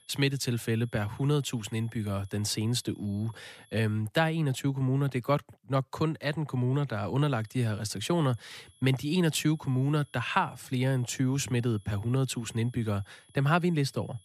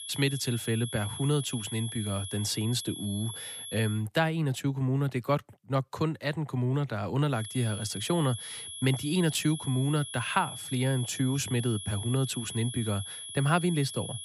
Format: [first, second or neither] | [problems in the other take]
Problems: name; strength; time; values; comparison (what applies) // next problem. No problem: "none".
first | high-pitched whine; loud; until 4 s and from 7.5 s on; 3.5 kHz, 8 dB below the speech; faint in the first